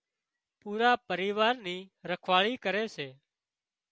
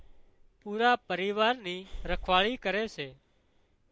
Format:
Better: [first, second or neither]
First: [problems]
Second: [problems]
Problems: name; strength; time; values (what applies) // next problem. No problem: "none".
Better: first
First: none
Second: background sound (Breathing); 13 dB below the speech